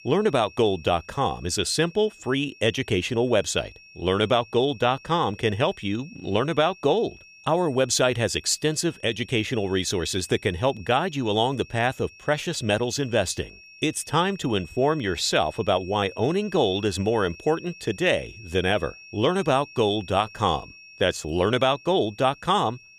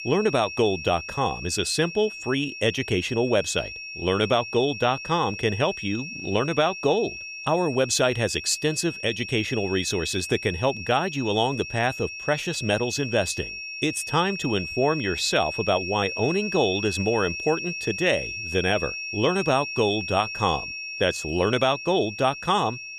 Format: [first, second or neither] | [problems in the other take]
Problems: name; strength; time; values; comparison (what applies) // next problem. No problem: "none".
first | high-pitched whine; loud; throughout; 2.5 kHz, 8 dB below the speech; faint in the first